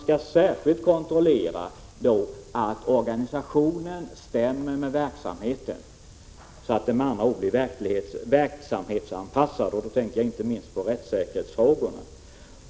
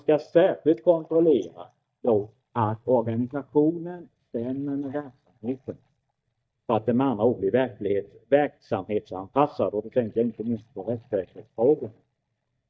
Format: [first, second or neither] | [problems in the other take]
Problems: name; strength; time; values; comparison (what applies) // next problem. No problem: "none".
first | noise reduction (neural mask model DeepFilterNet 3)